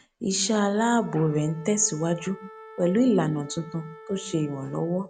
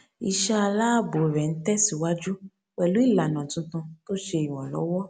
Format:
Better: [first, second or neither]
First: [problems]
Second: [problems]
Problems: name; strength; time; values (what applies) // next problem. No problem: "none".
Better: second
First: background sound (Wind instrument, woodwind instrument); 20 dB below the speech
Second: none